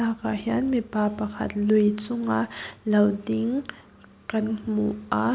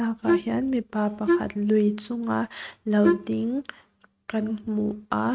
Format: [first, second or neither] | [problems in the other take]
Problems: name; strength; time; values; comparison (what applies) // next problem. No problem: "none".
first | noise reduction (neural mask model RNNoise)